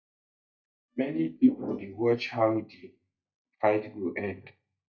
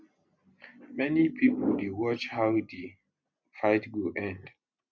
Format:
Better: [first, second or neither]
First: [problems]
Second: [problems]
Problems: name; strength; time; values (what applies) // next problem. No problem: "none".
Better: second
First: noise reduction (neural mask model DeepFilterNet 3)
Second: none